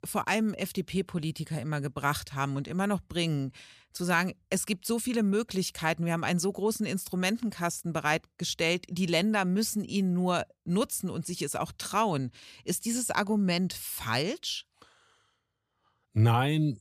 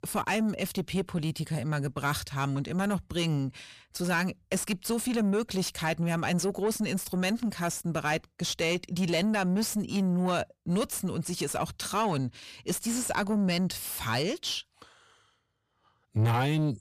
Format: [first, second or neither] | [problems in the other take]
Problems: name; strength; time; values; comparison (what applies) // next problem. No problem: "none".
first | distortion; slight; 10 dB below the speech